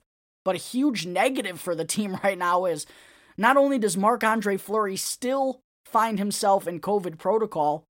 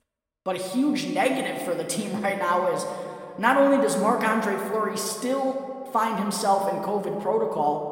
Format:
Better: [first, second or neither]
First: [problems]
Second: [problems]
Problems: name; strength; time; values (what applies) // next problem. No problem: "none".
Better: first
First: none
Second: room echo; slight; dies away in 1.7 s